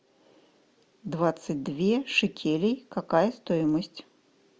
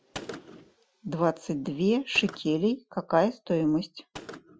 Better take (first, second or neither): first